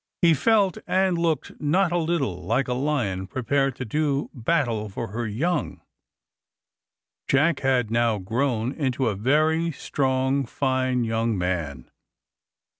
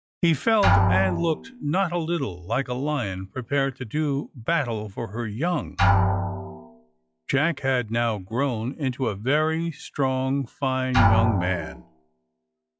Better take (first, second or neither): first